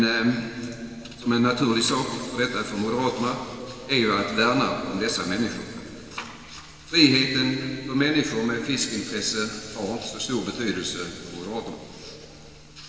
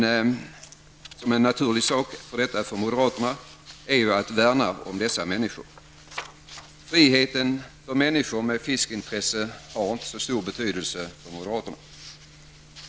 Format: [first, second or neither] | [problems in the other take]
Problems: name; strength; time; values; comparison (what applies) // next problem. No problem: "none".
second | room echo; dies away in 2.8 s